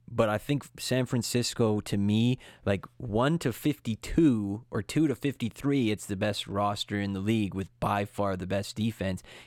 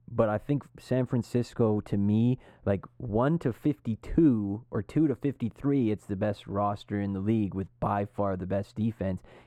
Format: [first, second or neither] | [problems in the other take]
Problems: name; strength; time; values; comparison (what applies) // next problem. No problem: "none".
first | muffled; very; fading above 2 kHz